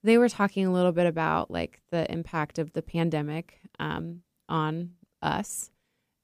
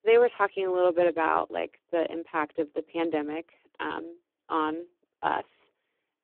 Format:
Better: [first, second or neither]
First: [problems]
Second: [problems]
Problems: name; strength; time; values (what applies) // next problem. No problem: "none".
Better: first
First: none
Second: phone-call audio; poor line